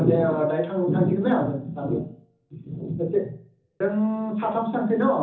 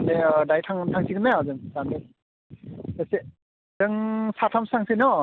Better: second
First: room echo; dies away in 0.6 s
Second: none

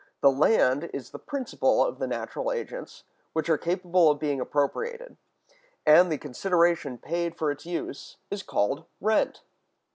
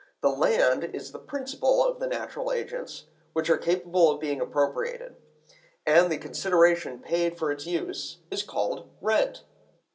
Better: first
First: none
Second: room echo; dies away in 0.2 s

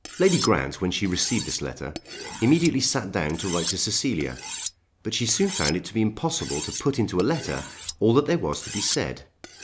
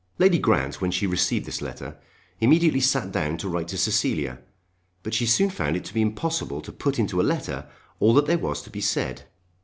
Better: second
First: background sound (Cutlery, silverware); 11 dB below the speech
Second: none

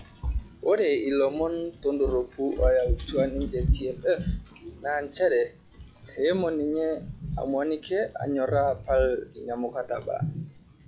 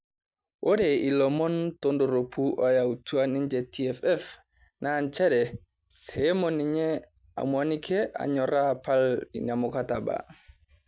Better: second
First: noise reduction (classical method log-MMSE)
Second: none

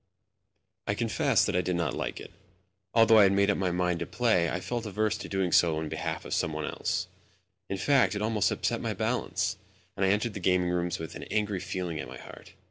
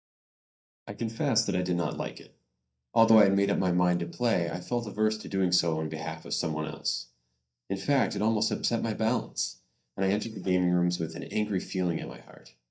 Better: first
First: none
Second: noise reduction (neural mask model DeepFilterNet 3)

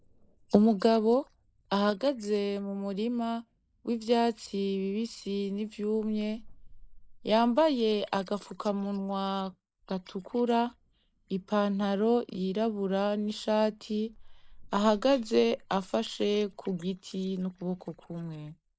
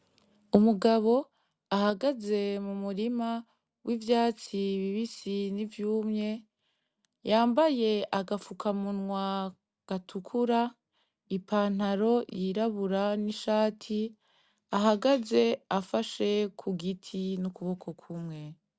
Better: second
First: noise reduction (neural mask model Resemble Enhance denoiser)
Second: none

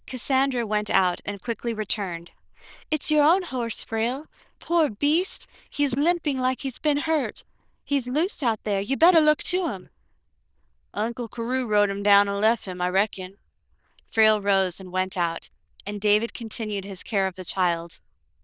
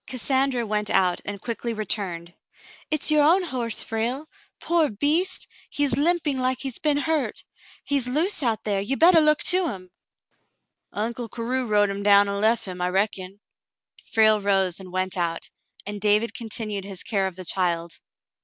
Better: second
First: noise reduction (neural diffusion model UNIVERSE++)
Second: none

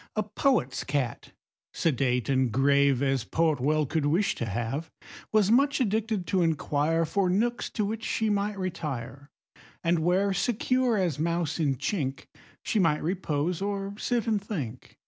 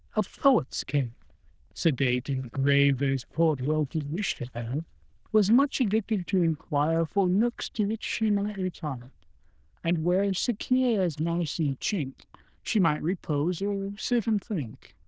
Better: first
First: none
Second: noise reduction (neural diffusion model UNIVERSE++)

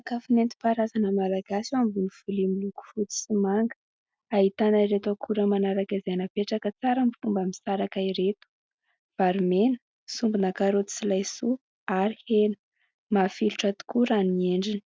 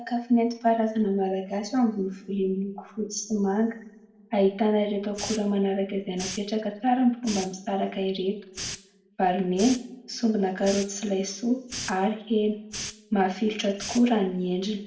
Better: first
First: none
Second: background sound (Hiss); 14 dB below the speech // room echo; dies away in 0.5 s

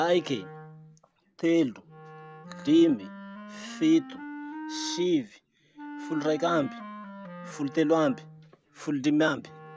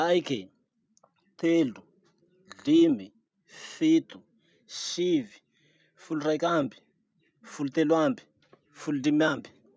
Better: second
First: background sound (Wind instrument, woodwind instrument); 15 dB below the speech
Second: none

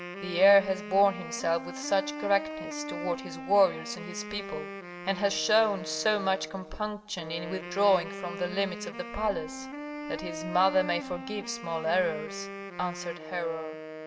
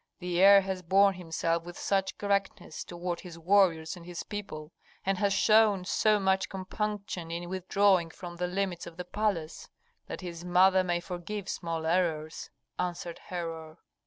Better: second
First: background sound (Wind instrument, woodwind instrument); 10 dB below the speech // room echo; dies away in 0.9 s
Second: none

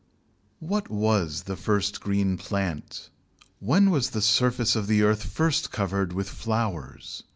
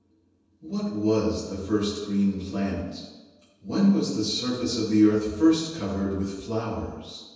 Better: first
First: none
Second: room echo; dies away in 1.1 s

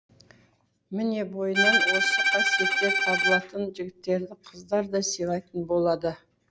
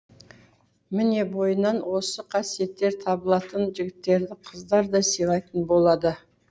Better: second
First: background sound (Bowed string instrument); 4 dB above the speech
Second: none

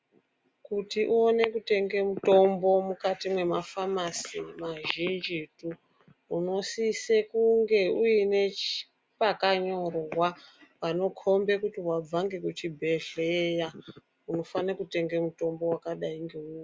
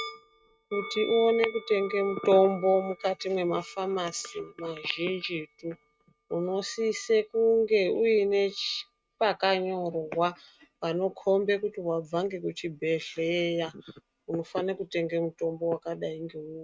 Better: first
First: none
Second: noise reduction (neural mask model RNNoise)

